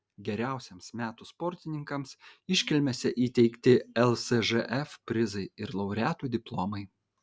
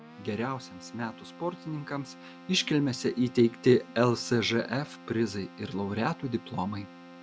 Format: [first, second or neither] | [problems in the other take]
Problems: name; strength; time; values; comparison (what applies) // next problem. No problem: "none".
first | background sound (Keyboard (musical)); 19 dB below the speech